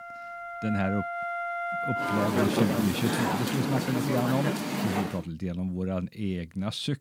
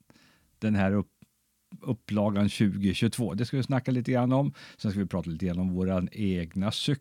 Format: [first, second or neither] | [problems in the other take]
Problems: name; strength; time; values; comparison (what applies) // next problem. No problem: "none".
second | background music; very loud; until 5 s; 1 dB above the speech